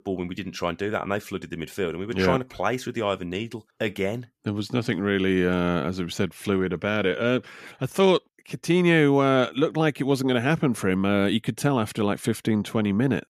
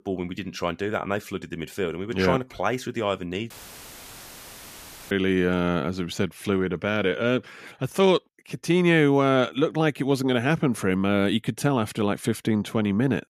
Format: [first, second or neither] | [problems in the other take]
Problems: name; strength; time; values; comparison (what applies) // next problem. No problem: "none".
first | audio cutting out; filled with static; at 3.5 s for 1.5 s